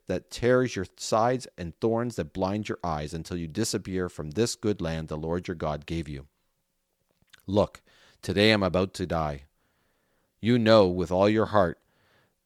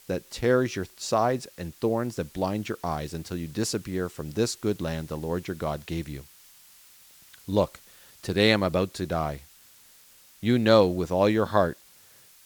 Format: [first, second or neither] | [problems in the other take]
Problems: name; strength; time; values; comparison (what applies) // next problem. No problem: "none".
first | hiss; faint; throughout; 25 dB below the speech